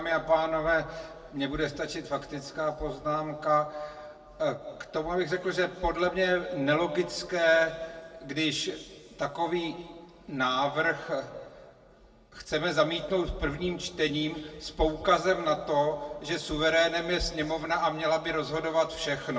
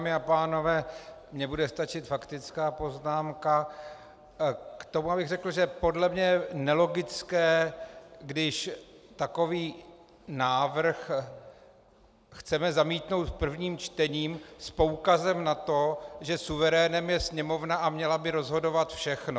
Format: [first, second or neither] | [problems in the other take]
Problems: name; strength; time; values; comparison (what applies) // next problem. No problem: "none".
second | room echo; dies away in 1.4 s